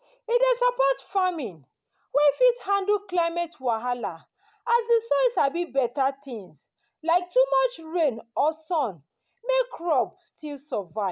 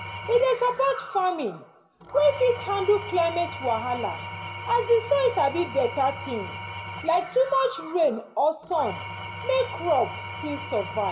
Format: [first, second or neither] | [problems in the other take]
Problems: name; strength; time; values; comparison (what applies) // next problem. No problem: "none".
first | background sound (Engine / Tools); 11 dB below the speech // room echo; dies away in 0.6 s